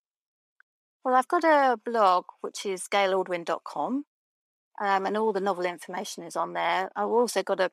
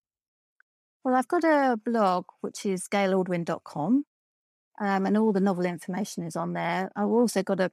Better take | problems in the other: second | thin; somewhat; fading below 450 Hz

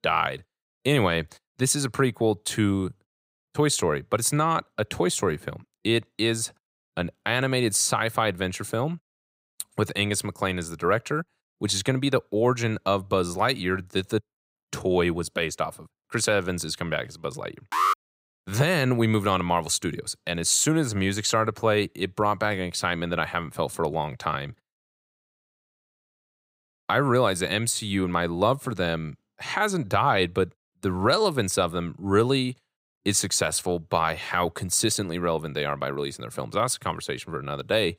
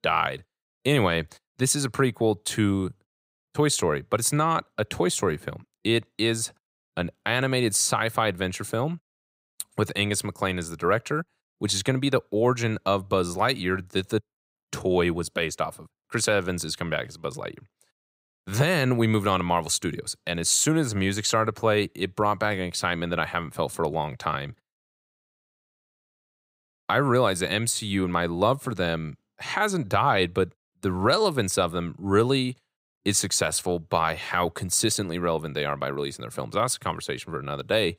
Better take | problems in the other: second | alarm; loud; at 18 s; peak 2 dB above the speech

